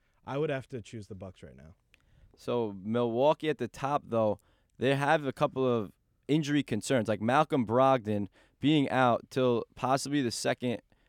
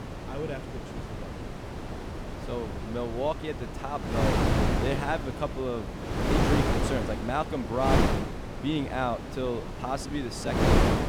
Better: first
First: none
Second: wind noise on the microphone; heavy; as loud as the speech

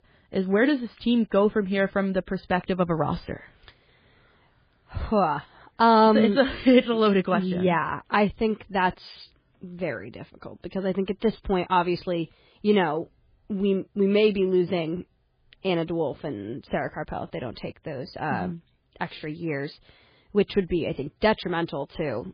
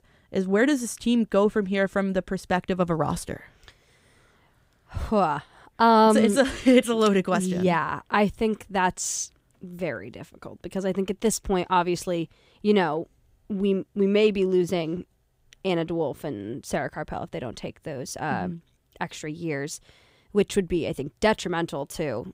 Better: second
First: garbled, watery; badly; nothing above 4.5 kHz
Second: none

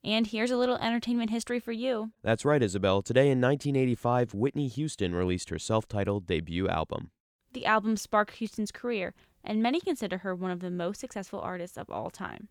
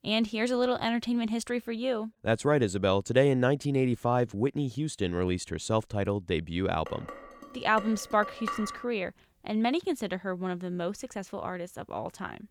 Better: first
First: none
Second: clattering dishes; noticeable; from 7 to 9 s; peak 7 dB below the speech

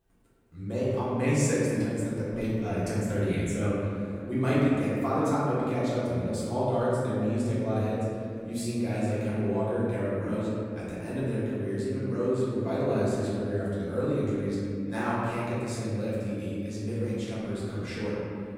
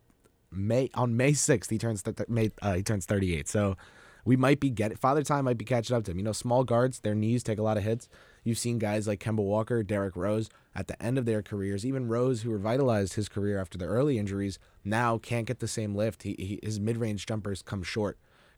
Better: second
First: room echo; strong; dies away in 2.4 s // off-mic speech; far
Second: none

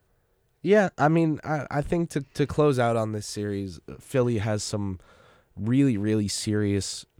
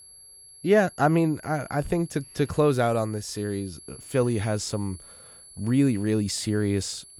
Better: first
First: none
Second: high-pitched whine; noticeable; throughout; 11 kHz, 20 dB below the speech

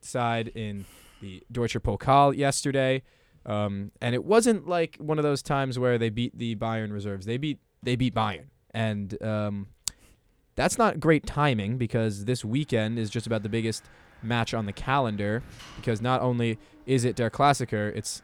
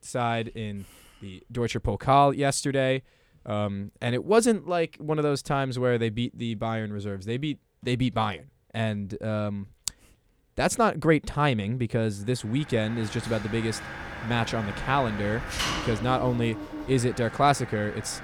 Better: first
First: machinery noise; faint; from 13 s on; 25 dB below the speech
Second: machinery noise; loud; from 13 s on; 8 dB below the speech

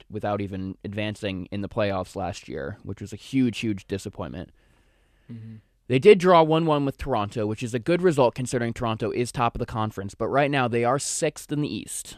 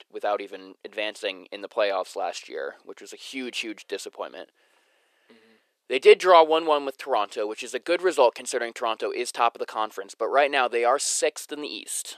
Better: first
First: none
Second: thin; very; fading below 400 Hz

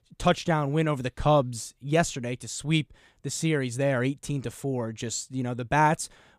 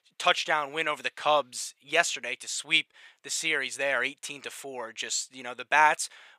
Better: first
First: none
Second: thin; very; fading below 700 Hz

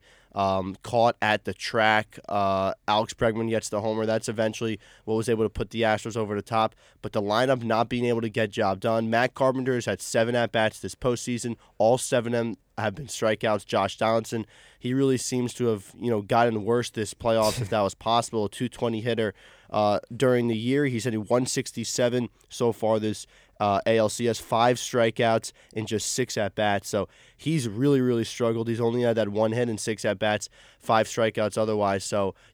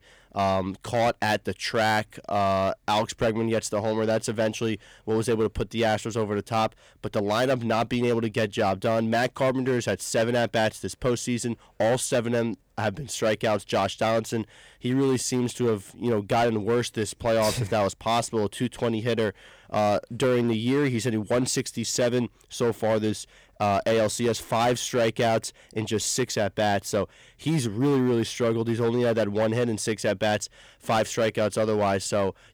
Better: first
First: none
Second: distortion; slight; 9% of the sound clipped

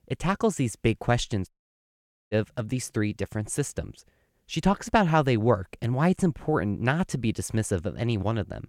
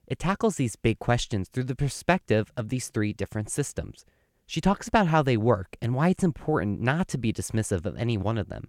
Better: second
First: audio cutting out; at 1.5 s for 1 s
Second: none

